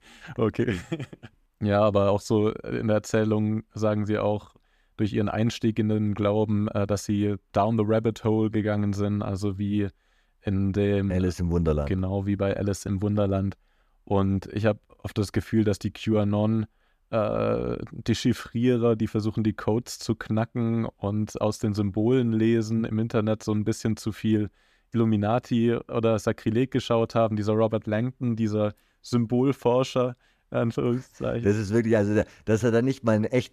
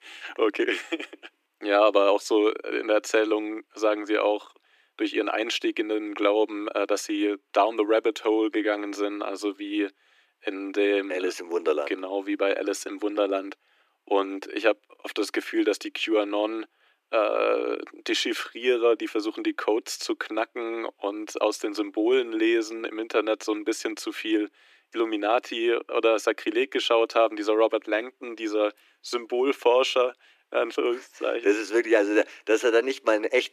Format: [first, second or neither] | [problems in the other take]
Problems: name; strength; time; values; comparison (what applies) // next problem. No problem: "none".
first | thin; very; fading below 300 Hz